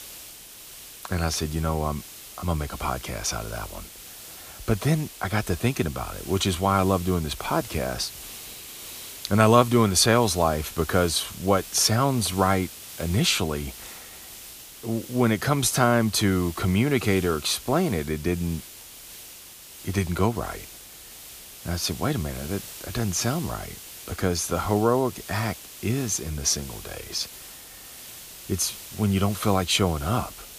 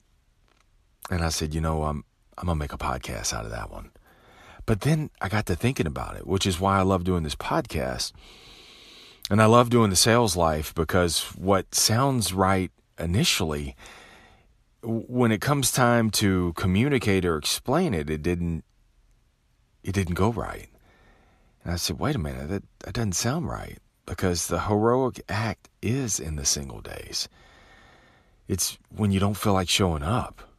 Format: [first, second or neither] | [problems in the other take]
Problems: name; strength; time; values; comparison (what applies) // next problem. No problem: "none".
second | hiss; noticeable; throughout; 15 dB below the speech